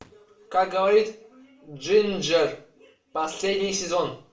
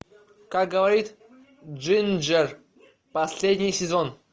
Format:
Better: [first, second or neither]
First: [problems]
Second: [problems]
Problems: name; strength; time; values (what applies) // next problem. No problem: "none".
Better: second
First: room echo; dies away in 0.3 s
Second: none